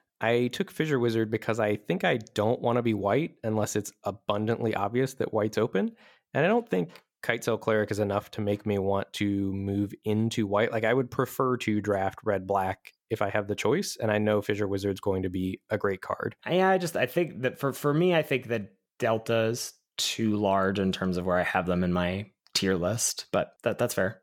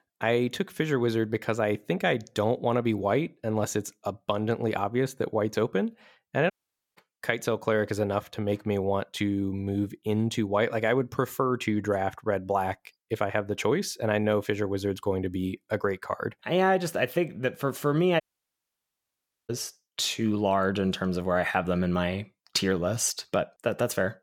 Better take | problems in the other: first | audio cutting out; at 6.5 s and at 18 s for 1.5 s

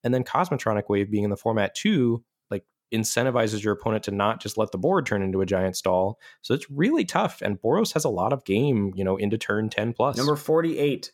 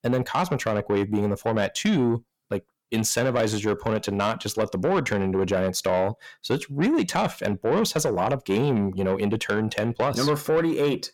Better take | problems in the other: first | distortion; slight; 10 dB below the speech

